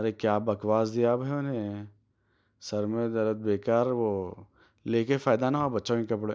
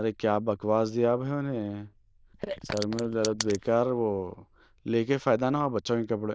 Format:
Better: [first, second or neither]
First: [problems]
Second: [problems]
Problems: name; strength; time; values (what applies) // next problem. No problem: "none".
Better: first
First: none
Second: noise reduction (neural diffusion model UNIVERSE++)